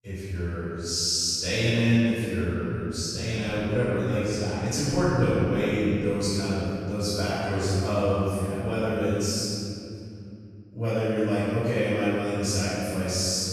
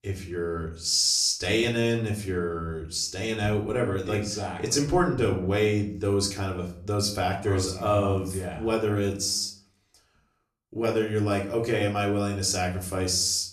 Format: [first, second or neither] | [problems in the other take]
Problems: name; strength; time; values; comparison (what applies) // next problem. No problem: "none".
second | room echo; strong; dies away in 3 s; slight in the second // off-mic speech; far; somewhat distant in the second